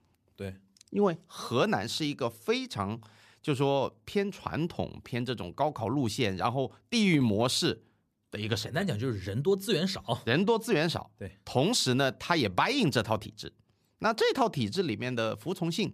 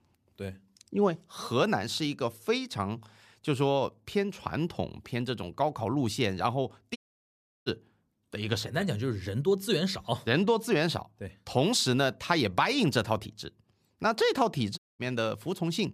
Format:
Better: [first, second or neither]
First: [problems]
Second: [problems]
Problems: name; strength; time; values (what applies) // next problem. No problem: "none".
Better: first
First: none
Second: audio cutting out; at 7 s for 0.5 s and at 15 s